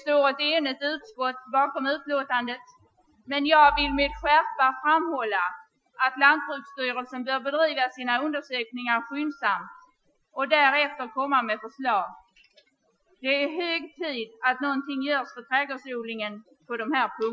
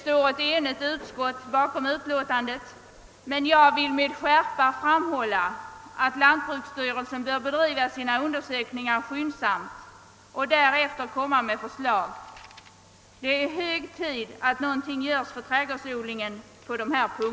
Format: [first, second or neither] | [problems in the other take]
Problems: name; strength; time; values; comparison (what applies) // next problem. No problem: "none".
second | noise reduction (classical method Wiener filter)